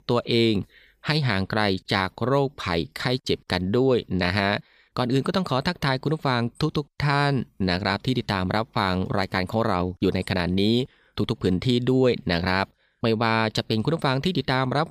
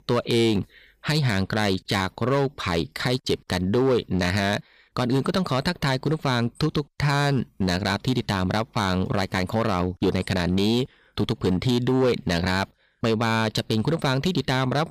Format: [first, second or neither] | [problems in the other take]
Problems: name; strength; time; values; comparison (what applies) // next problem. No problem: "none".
first | distortion; slight; 8% of the sound clipped